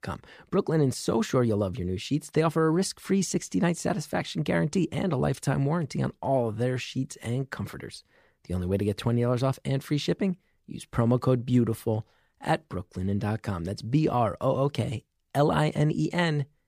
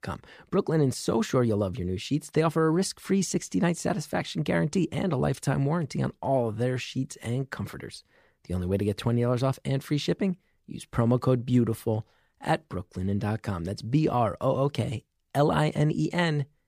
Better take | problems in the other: neither | none

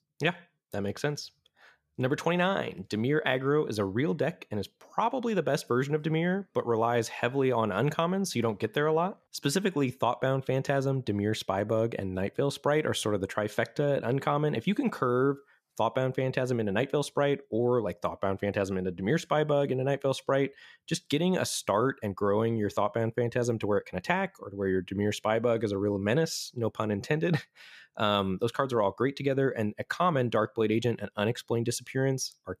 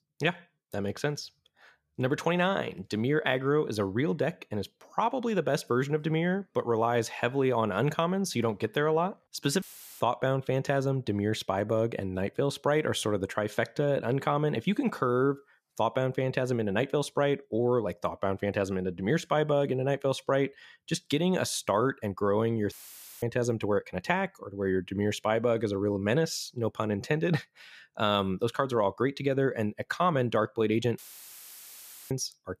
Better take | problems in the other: first | audio cutting out; filled with static; at 9.5 s, at 23 s for 0.5 s and at 31 s for 1 s

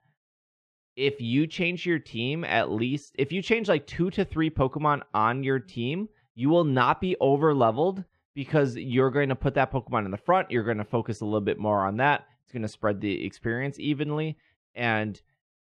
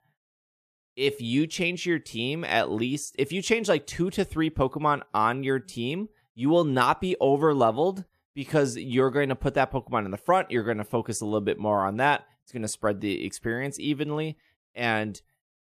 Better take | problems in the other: second | muffled; slightly; fading above 3 kHz

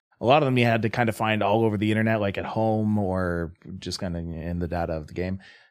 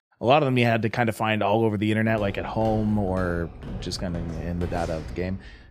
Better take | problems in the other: first | footsteps; faint; from 2 s on; peak 10 dB below the speech

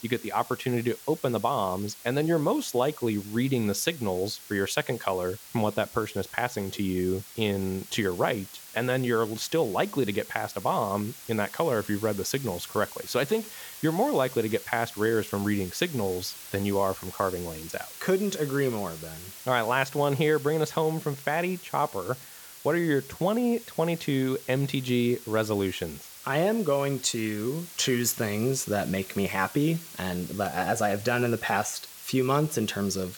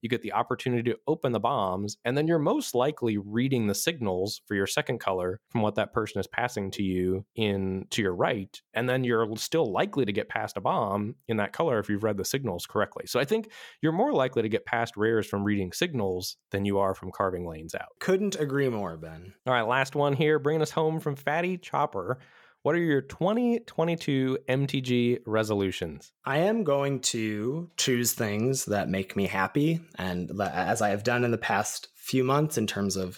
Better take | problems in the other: second | hiss; noticeable; throughout; 15 dB below the speech

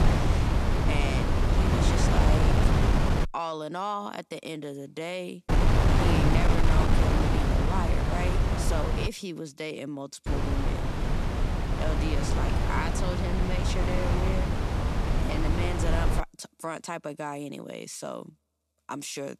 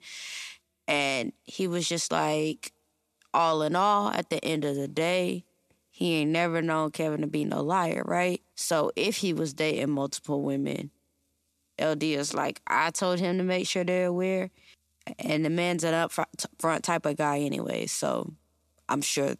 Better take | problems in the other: second | wind noise on the microphone; heavy; until 3.5 s, from 5.5 to 9 s and from 10 to 16 s; 3 dB above the speech

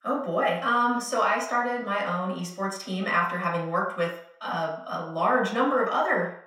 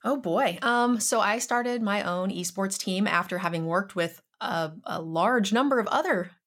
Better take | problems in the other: second | room echo; noticeable; dies away in 0.6 s // off-mic speech; far

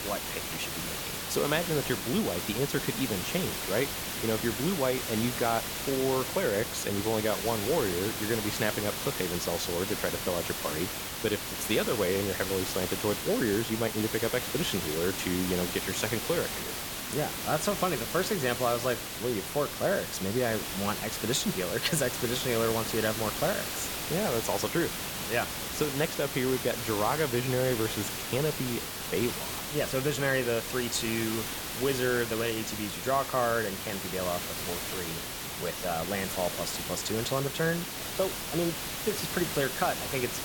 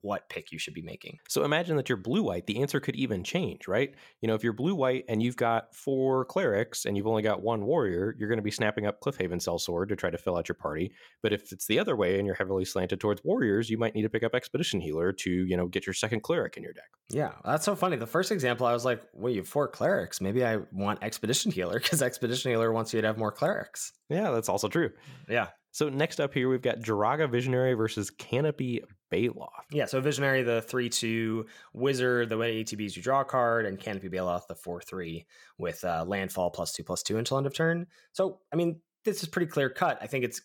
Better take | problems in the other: second | hiss; loud; throughout; 2 dB below the speech

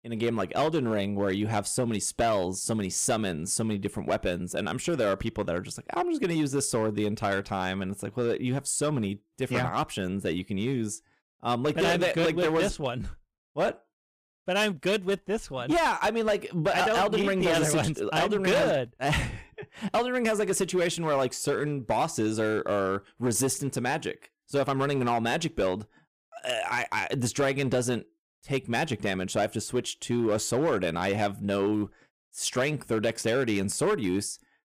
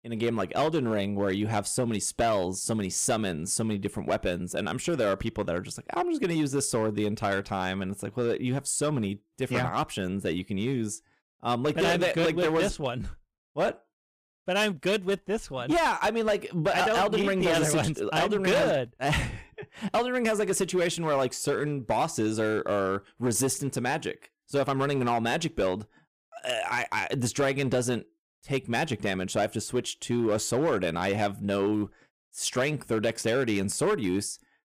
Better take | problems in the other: neither | distortion; slight; 7% of the sound clipped; the same in both

